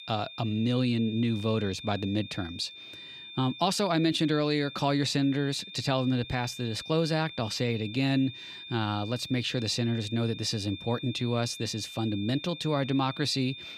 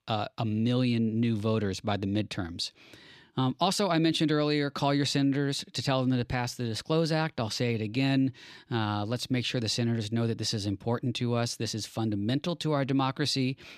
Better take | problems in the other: second | high-pitched whine; noticeable; throughout; 3.5 kHz, 15 dB below the speech

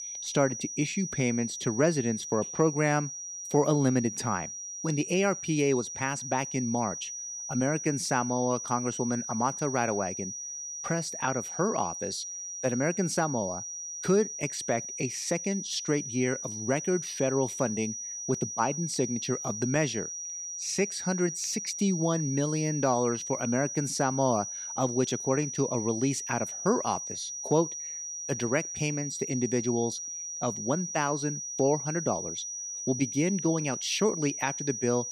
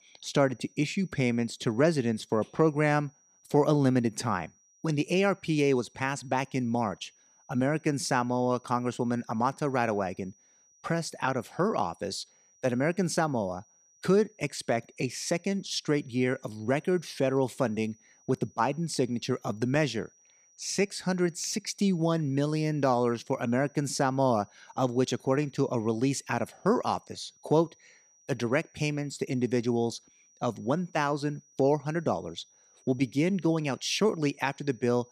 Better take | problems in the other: second | high-pitched whine; loud; throughout; 6 kHz, 5 dB below the speech; faint in the second

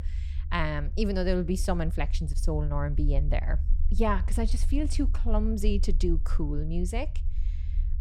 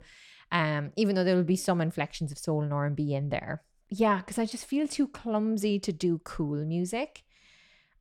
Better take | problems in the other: second | low rumble; noticeable; throughout; 20 dB below the speech

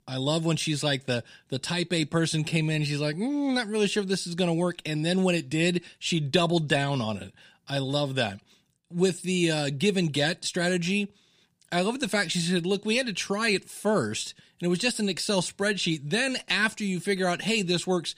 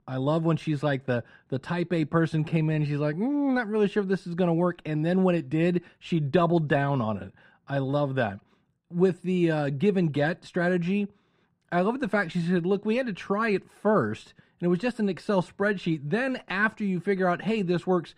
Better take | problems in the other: first | muffled; very; fading above 2.5 kHz

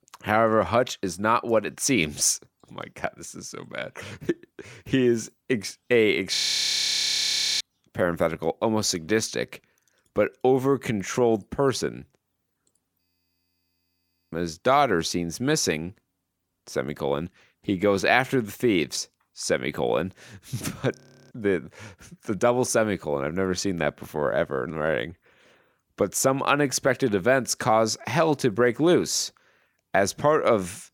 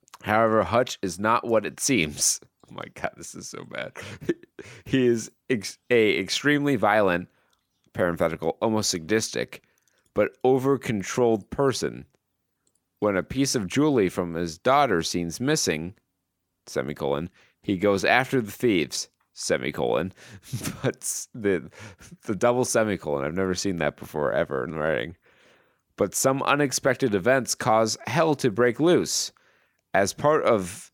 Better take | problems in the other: second | audio freezing; at 6.5 s for 1.5 s, at 13 s for 1.5 s and at 21 s

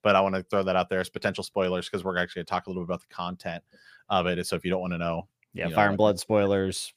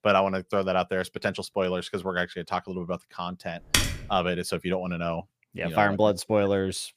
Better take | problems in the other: first | keyboard typing; loud; at 3.5 s; peak 3 dB above the speech

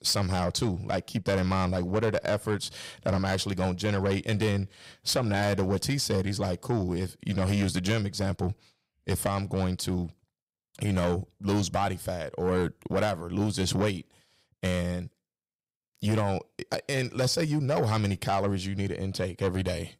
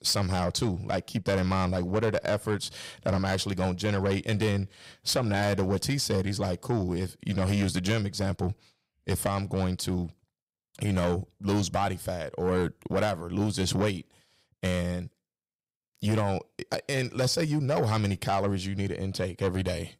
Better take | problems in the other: neither | distortion; slight; 10 dB below the speech; the same in both

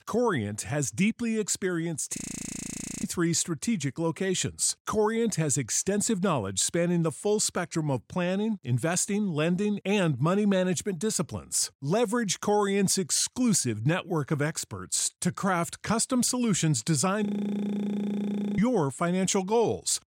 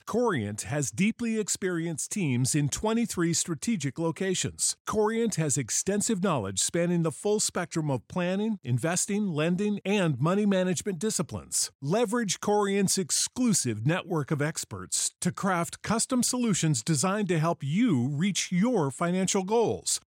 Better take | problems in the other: second | audio freezing; at 2 s for 1 s and at 17 s for 1.5 s

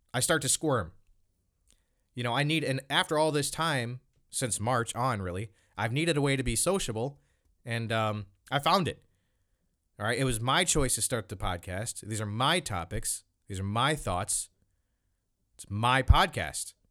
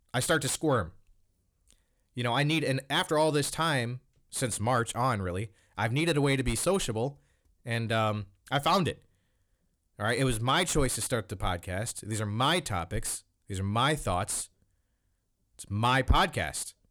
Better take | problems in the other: first | distortion; slight; 10 dB below the speech

